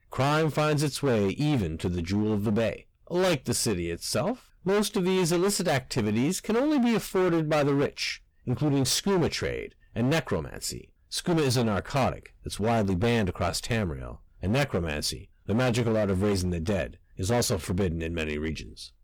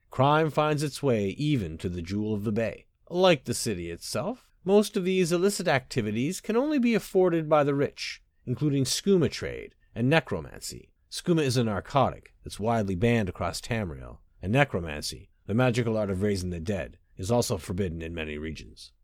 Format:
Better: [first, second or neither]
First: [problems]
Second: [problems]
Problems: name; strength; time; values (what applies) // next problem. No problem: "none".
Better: second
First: distortion; heavy; 17% of the sound clipped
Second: none